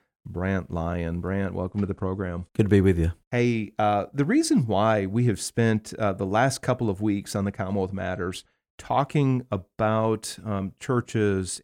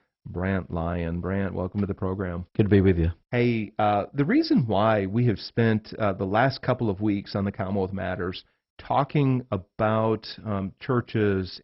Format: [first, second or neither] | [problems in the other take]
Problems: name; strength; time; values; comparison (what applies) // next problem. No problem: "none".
first | garbled, watery; badly; nothing above 5.5 kHz